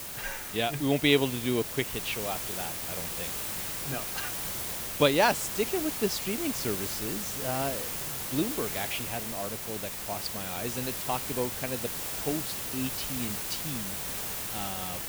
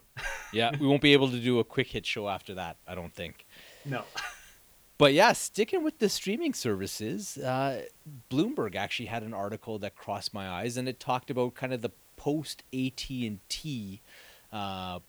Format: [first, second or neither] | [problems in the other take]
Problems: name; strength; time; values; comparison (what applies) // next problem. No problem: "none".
second | hiss; loud; throughout; 1 dB below the speech; faint in the second